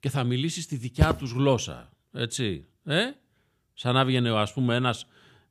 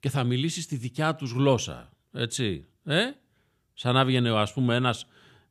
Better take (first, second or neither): second